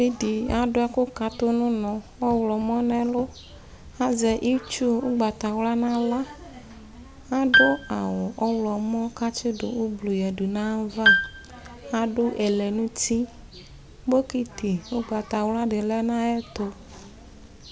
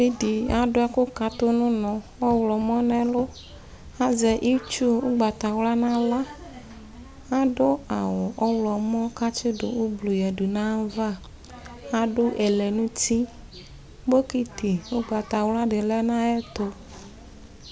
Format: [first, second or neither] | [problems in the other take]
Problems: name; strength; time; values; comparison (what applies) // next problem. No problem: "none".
second | background sound (Piano); as loud as the speech